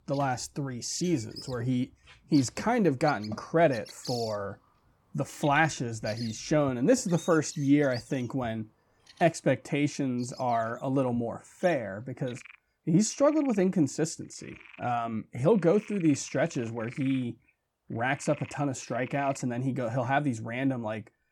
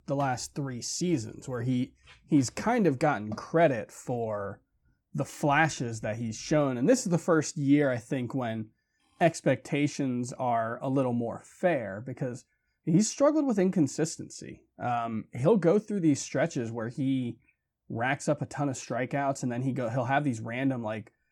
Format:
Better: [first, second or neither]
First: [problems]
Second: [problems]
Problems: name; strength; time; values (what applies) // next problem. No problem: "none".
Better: second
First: animal sounds; noticeable; throughout; 20 dB below the speech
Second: none